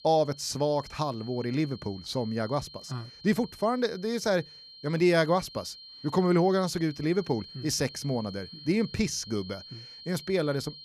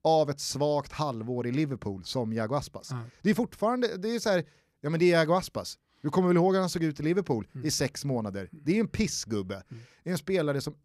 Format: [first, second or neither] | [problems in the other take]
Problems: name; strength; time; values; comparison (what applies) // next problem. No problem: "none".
second | high-pitched whine; noticeable; throughout; 4 kHz, 15 dB below the speech